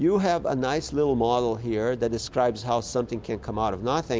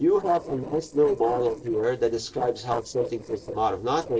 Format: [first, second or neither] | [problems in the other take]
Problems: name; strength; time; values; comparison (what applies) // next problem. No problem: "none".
first | noise reduction (neural separator model SepFormer DNS4)